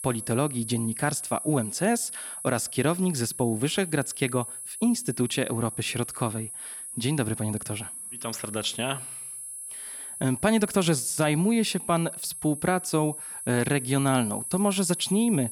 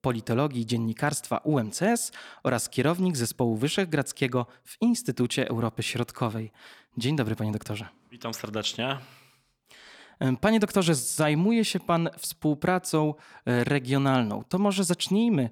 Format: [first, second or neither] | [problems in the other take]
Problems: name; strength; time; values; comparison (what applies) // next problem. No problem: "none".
second | high-pitched whine; loud; throughout; 10.5 kHz, 8 dB below the speech